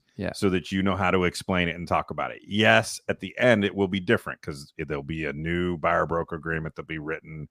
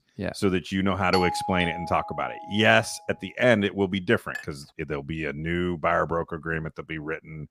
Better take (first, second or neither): first